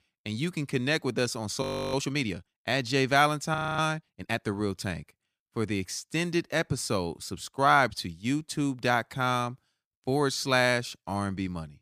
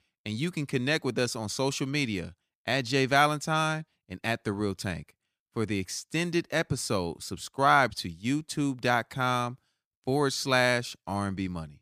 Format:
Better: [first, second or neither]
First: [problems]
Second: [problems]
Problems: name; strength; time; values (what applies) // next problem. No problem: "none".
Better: second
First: audio freezing; at 1.5 s and at 3.5 s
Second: none